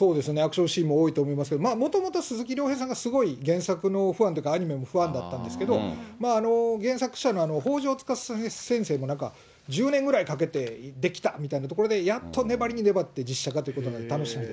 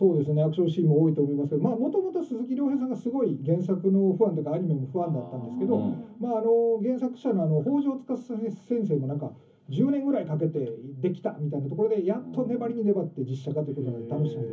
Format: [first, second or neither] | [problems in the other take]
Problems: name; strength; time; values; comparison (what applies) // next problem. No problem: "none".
first | room echo; dies away in 0.3 s